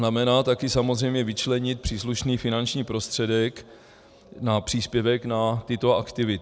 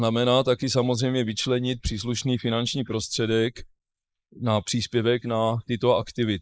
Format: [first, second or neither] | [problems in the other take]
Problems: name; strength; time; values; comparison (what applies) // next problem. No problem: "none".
first | noise reduction (neural mask model Resemble Enhance denoiser)